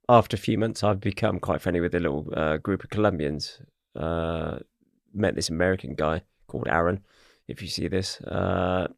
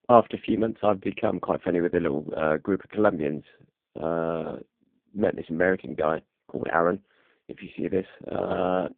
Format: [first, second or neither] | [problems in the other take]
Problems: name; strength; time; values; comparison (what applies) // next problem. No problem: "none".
first | phone-call audio; poor line